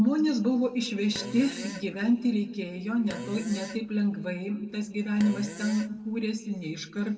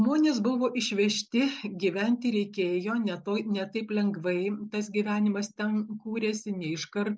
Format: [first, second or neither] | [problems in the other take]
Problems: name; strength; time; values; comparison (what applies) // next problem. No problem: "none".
second | background sound (Fart); 15 dB below the speech // room echo; dies away in 1.1 s